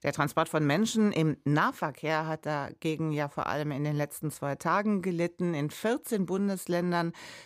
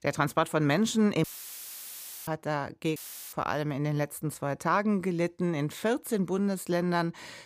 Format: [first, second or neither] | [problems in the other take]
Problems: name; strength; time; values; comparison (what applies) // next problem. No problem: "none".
first | audio cutting out; filled with static; at 1 s for 1 s and at 3 s